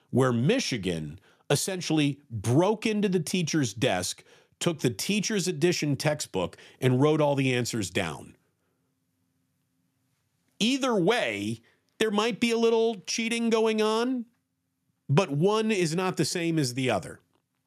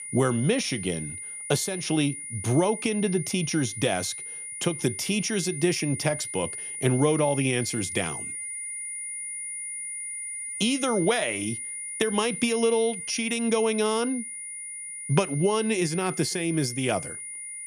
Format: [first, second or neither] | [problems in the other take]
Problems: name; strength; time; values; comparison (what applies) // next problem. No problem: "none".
first | high-pitched whine; loud; throughout; 9.5 kHz, 7 dB below the speech